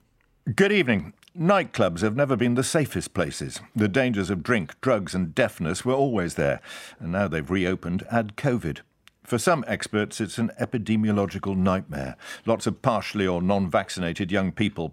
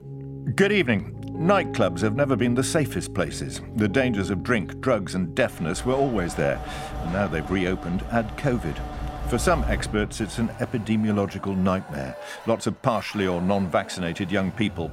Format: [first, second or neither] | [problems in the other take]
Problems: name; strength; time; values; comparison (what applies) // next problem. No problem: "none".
first | background music; noticeable; throughout; 10 dB below the speech